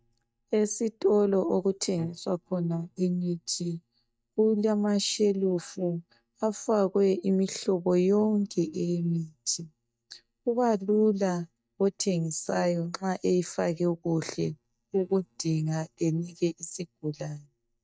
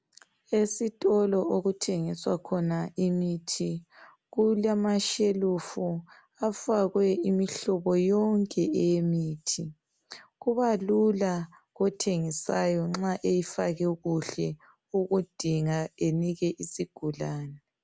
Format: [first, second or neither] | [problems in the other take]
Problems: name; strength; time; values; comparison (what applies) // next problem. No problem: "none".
second | noise reduction (neural mask model DeepFilterNet 3)